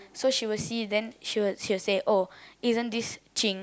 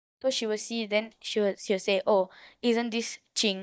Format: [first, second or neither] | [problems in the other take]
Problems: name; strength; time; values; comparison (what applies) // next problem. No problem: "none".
first | noise reduction (neural mask model DeepFilterNet 3)